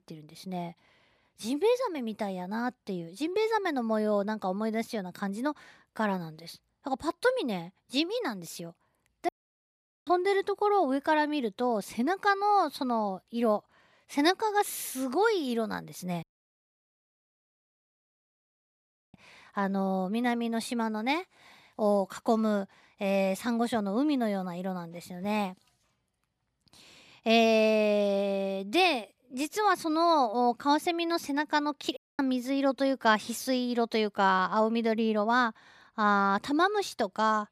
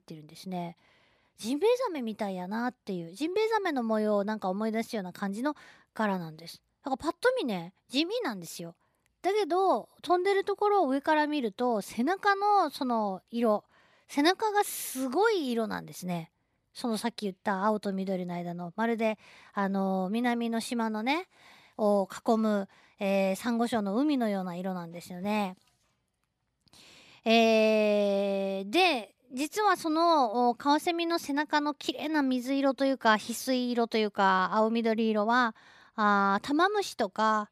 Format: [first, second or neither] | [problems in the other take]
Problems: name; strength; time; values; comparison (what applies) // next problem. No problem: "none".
second | audio cutting out; at 9.5 s for 1 s, at 16 s for 3 s and at 32 s